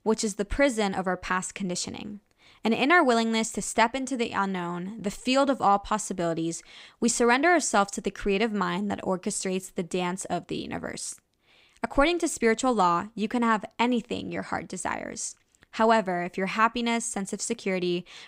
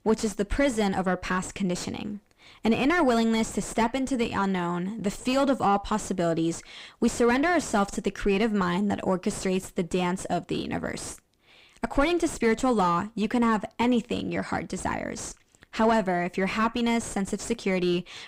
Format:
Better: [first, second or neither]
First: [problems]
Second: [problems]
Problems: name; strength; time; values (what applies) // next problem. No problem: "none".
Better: first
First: none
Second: distortion; heavy; 5 dB below the speech